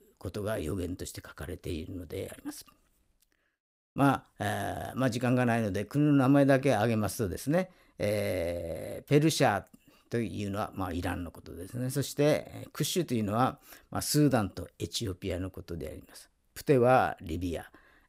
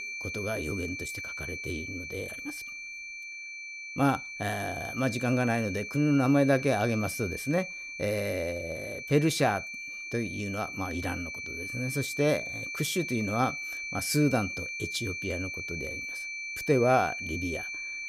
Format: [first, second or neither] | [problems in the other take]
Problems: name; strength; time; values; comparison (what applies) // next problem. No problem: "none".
first | high-pitched whine; loud; throughout; 2.5 kHz, 6 dB below the speech